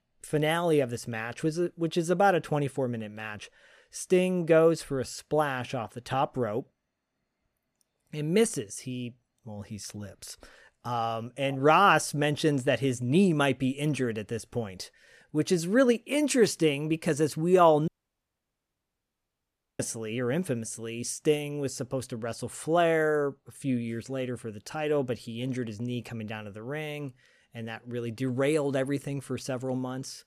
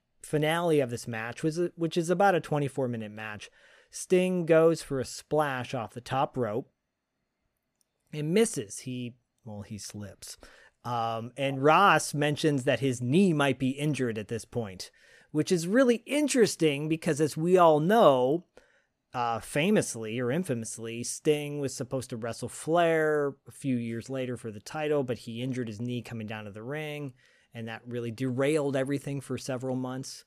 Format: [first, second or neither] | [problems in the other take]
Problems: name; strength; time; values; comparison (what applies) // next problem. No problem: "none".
second | audio cutting out; at 18 s for 2 s